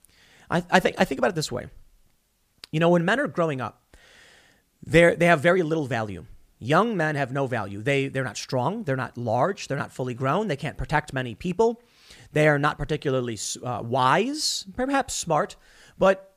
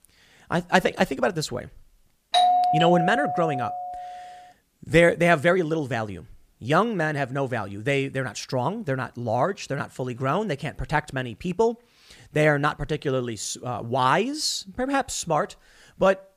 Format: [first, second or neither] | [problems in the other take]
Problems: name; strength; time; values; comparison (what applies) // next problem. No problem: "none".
first | doorbell; loud; from 2.5 to 4 s; peak 5 dB above the speech